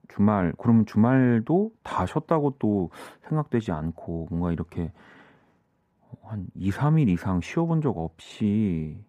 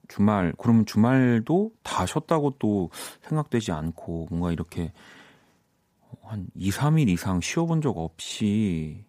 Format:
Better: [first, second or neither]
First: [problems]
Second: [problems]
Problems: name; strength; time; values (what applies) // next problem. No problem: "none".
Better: second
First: muffled; slightly; fading above 3 kHz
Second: none